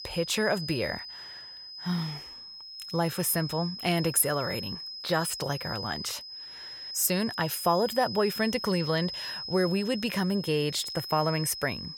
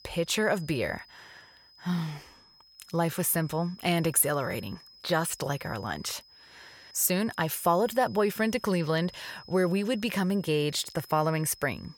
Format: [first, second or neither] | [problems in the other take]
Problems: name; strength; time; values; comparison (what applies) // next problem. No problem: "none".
second | high-pitched whine; loud; throughout; 5 kHz, 8 dB below the speech; faint in the second